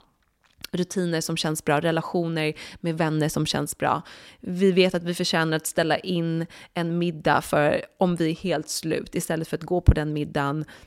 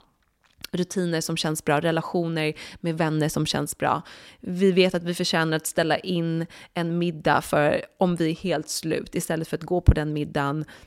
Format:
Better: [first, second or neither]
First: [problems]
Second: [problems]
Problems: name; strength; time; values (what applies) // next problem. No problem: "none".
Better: neither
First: none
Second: none